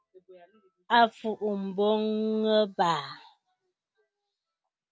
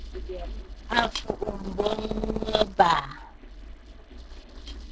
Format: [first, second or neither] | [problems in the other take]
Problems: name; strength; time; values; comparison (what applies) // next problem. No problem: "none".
first | noise reduction (neural separator model SepFormer DNS4)